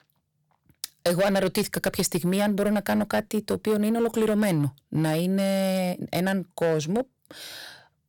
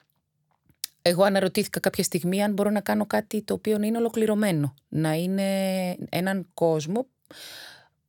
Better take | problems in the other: second | distortion; slight; 6% of the sound clipped

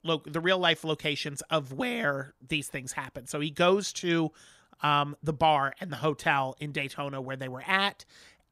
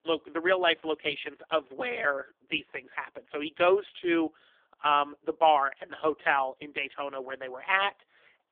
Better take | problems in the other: first | phone-call audio; poor line; nothing above 3.5 kHz

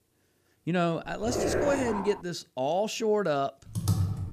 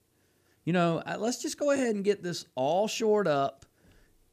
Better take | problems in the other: second | dog barking; loud; from 1 to 2 s; peak 1 dB above the speech // keyboard typing; loud; at 4 s; peak 1 dB above the speech

